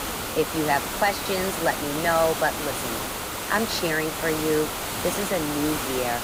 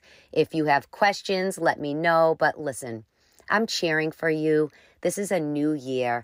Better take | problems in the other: second | hiss; loud; throughout; 2 dB below the speech

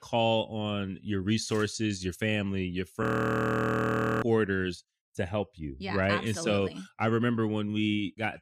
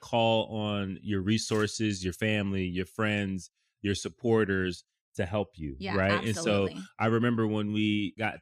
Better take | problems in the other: second | audio freezing; at 3 s for 1 s

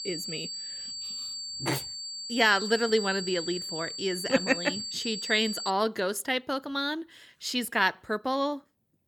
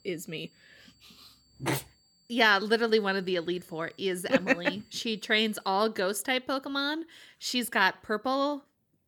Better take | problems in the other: second | high-pitched whine; loud; until 5.5 s; 4.5 kHz, 6 dB below the speech; faint in the second

